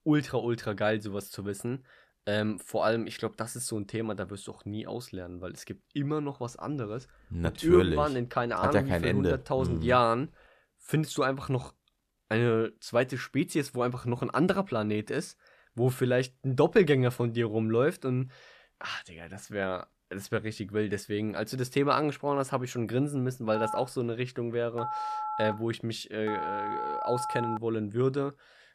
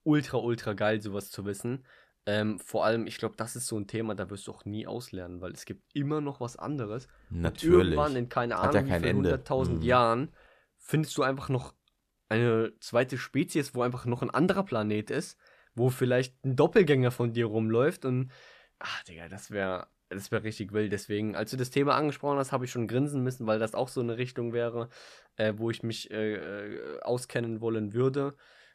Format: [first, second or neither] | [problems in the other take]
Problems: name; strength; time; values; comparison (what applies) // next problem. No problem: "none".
second | phone ringing; noticeable; from 24 to 28 s; peak 4 dB below the speech